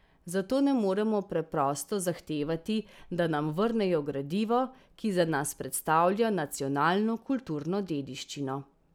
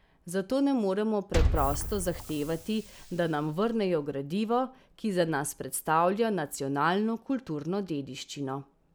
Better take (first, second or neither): first